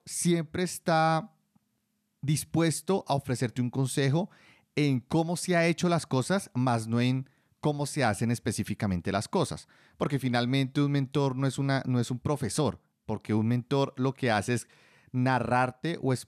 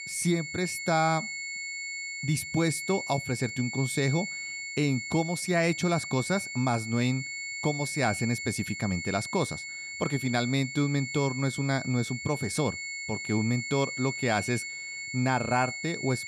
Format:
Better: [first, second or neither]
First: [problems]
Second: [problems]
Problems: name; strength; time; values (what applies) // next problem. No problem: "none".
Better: first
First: none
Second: high-pitched whine; loud; throughout; 2 kHz, 6 dB below the speech